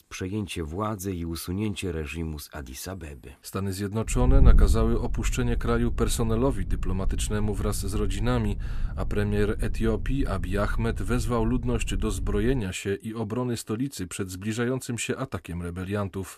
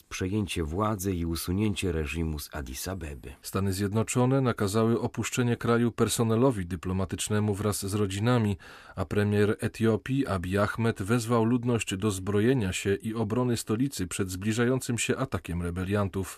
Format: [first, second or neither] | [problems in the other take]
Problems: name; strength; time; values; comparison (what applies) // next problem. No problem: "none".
second | wind noise on the microphone; occasional gusts; from 4 to 13 s; 15 dB below the speech